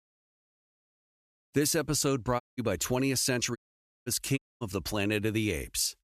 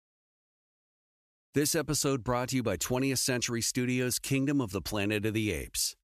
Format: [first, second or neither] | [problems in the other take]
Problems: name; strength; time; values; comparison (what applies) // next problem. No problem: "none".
second | audio cutting out; at 2.5 s, at 3.5 s and at 4.5 s